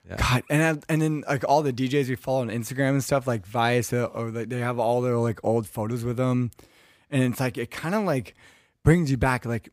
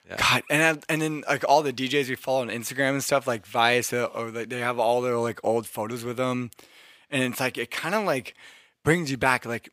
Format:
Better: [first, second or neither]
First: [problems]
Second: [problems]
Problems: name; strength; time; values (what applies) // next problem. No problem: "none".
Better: first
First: none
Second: thin; somewhat; fading below 1 kHz